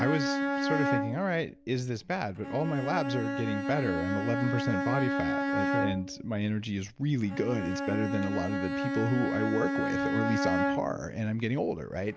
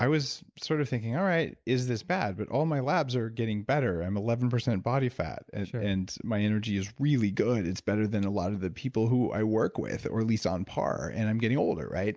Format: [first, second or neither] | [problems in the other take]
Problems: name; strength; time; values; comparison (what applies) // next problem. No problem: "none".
second | background sound (Bowed string instrument); 1 dB below the speech